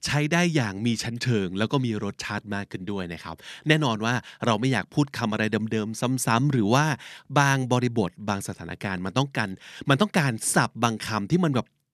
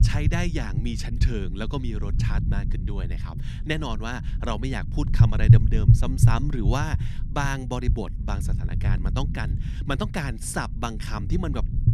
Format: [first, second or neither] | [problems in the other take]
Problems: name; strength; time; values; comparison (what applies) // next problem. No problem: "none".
first | low rumble; loud; throughout; 6 dB below the speech